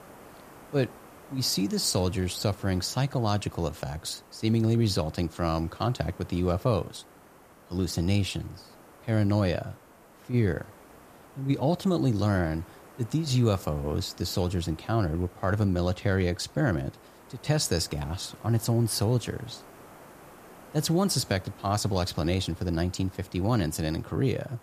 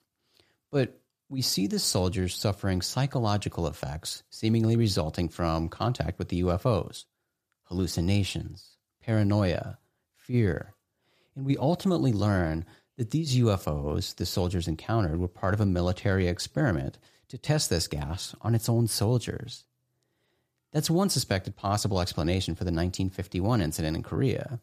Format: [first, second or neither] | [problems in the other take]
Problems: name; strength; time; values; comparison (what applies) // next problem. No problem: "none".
second | hiss; faint; throughout; 25 dB below the speech